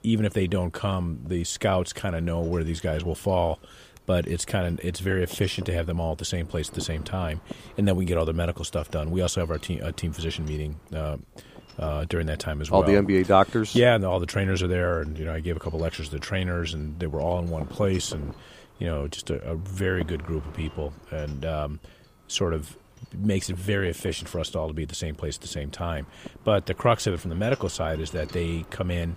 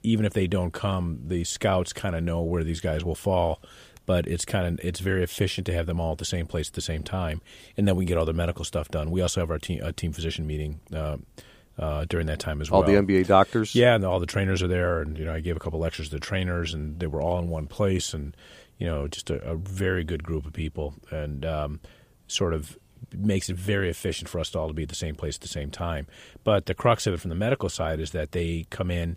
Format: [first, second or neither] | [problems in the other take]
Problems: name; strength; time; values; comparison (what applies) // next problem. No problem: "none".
second | wind noise on the microphone; occasional gusts; 20 dB below the speech